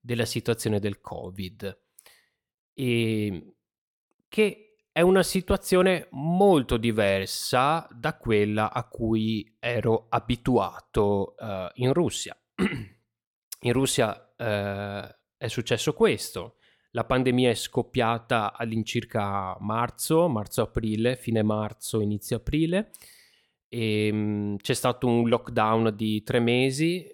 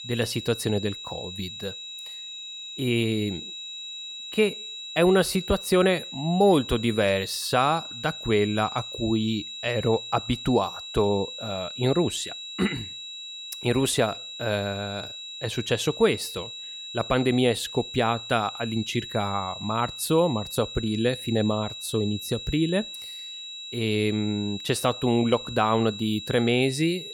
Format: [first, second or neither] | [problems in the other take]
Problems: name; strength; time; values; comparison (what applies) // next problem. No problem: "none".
first | high-pitched whine; loud; throughout; 4 kHz, 10 dB below the speech